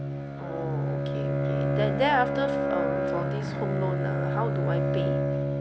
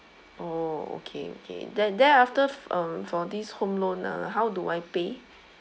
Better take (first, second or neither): second